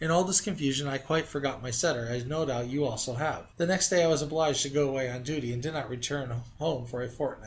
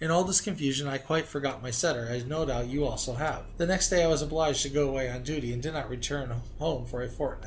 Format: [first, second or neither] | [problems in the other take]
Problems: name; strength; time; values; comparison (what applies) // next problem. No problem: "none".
first | background sound (Idling / Engine starting / Door / Car); 12 dB below the speech